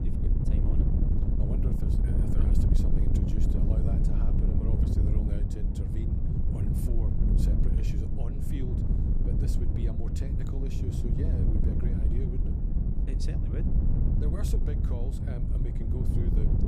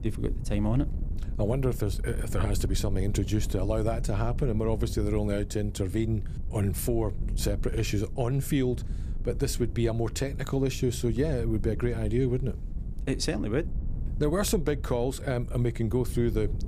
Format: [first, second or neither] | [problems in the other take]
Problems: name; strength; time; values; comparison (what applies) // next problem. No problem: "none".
second | wind noise on the microphone; heavy; 5 dB above the speech; occasional gusts in the second